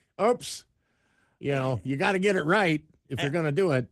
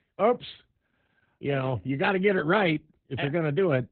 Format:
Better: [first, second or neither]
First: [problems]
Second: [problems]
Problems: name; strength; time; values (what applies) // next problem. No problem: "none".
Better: first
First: garbled, watery; slightly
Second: garbled, watery; badly; nothing above 4 kHz